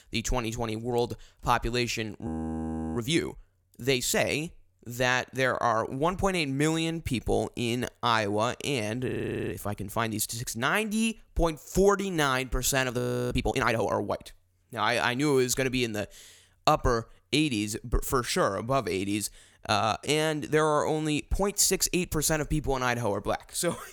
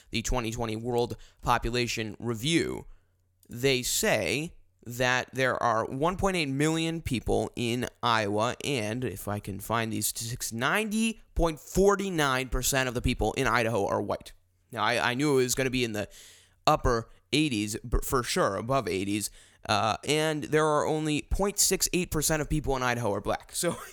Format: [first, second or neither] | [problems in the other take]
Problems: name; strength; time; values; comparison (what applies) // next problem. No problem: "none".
second | audio freezing; at 2.5 s for 0.5 s, at 9 s and at 13 s